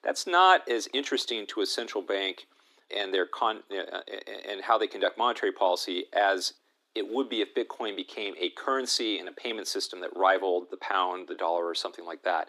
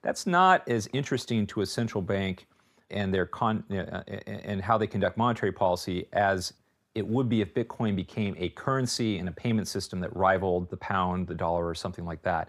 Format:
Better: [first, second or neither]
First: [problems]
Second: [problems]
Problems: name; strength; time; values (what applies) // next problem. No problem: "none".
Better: second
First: thin; somewhat; fading below 250 Hz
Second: none